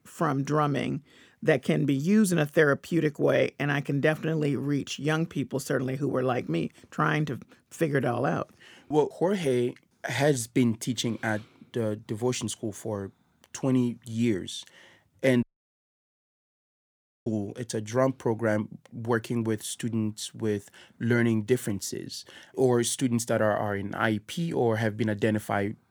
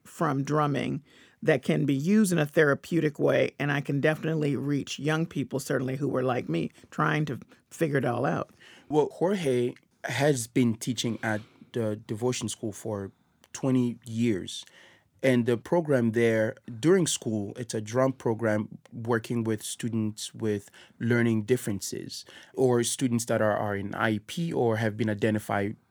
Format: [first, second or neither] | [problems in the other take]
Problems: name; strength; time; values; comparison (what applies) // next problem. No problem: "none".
second | audio cutting out; at 15 s for 2 s